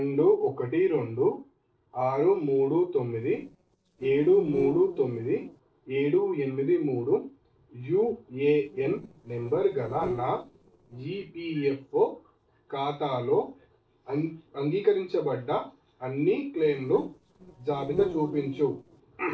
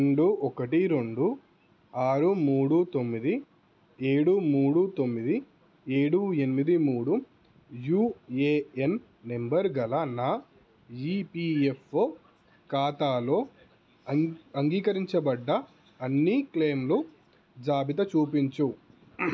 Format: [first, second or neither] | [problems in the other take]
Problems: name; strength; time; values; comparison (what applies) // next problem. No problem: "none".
second | noise reduction (neural separator model SepFormer DNS4)